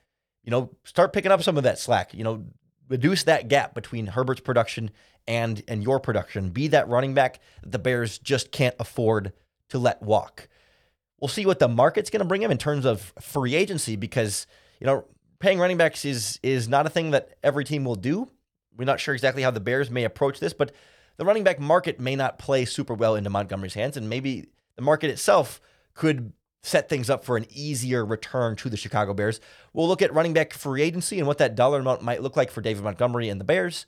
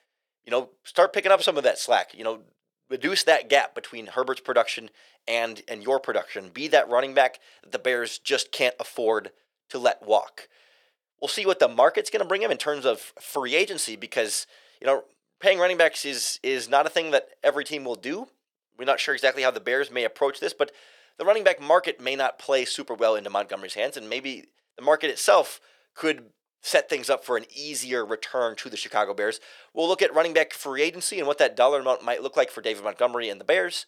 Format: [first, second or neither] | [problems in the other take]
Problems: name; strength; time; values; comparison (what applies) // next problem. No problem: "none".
first | thin; very; fading below 400 Hz